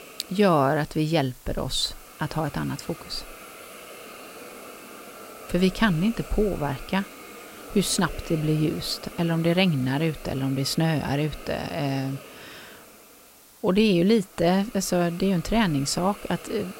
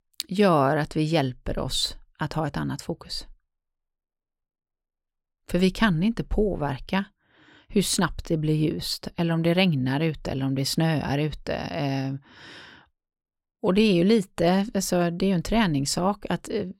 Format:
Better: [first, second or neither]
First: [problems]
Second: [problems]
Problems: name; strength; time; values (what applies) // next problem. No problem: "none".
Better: second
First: hiss; noticeable; throughout; 15 dB below the speech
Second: none